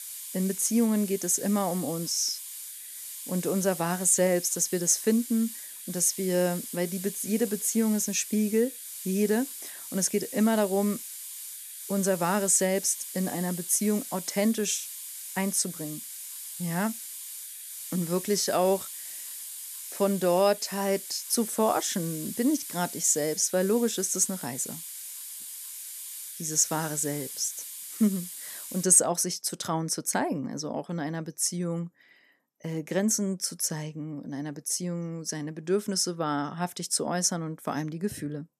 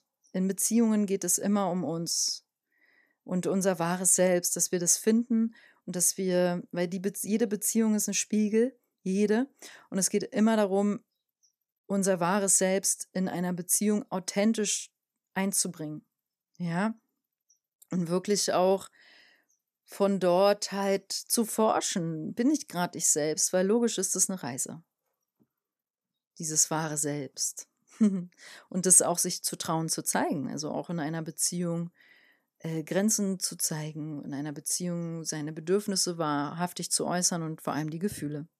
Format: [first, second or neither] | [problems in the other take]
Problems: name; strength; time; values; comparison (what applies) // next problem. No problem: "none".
second | hiss; loud; until 29 s; 9 dB below the speech